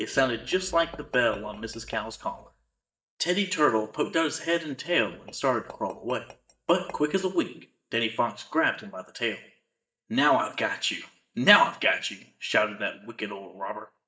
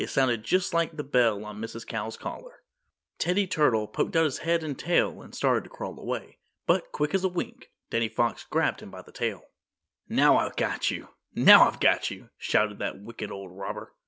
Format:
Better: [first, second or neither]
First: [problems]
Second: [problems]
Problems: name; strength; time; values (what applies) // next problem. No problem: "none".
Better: second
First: noise reduction (neural mask model DeepFilterNet 3)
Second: none